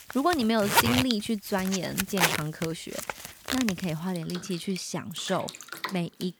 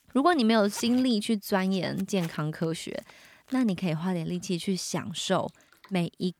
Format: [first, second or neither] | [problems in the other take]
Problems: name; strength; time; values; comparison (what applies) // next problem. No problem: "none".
second | household noises; loud; throughout; as loud as the speech; faint in the second